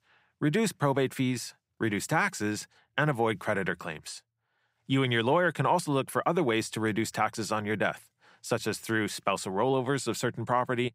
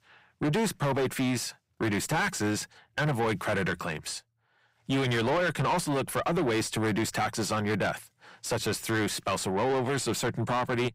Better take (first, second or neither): first